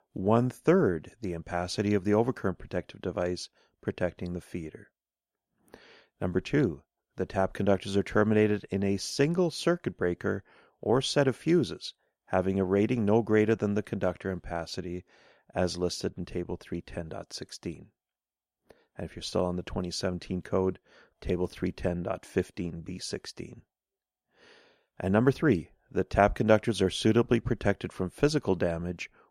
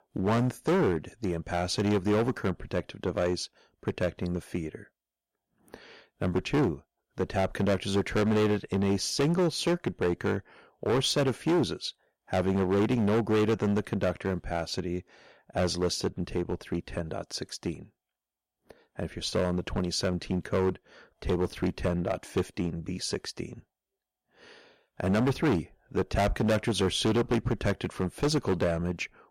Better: first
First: none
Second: distortion; heavy; 9% of the sound clipped

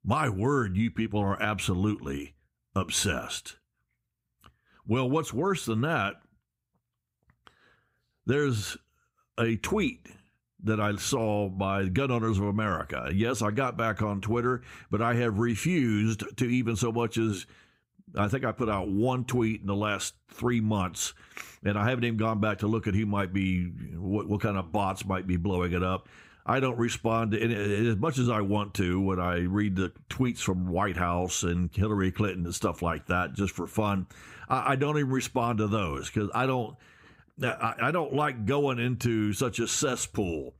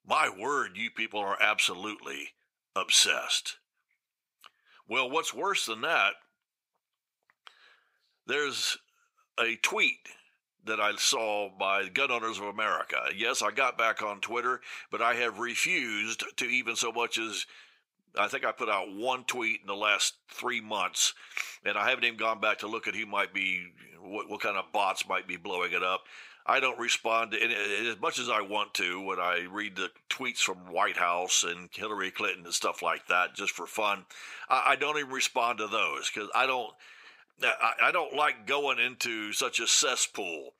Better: first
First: none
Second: thin; very; fading below 650 Hz

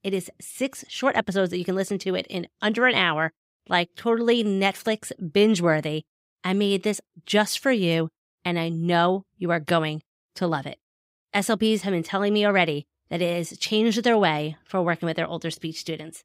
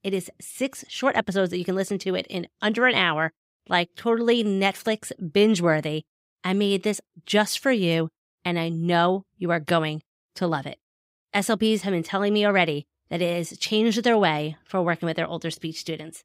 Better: neither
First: none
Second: none

